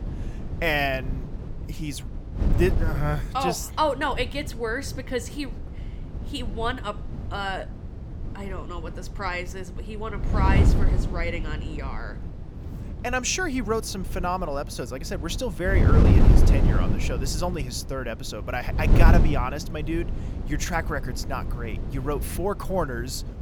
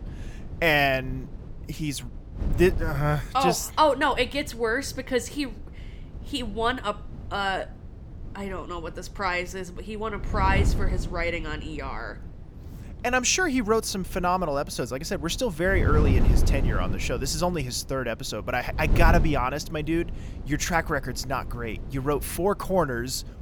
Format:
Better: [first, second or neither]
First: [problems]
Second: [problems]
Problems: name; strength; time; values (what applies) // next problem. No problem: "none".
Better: second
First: wind noise on the microphone; heavy; 9 dB below the speech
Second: wind noise on the microphone; occasional gusts; 15 dB below the speech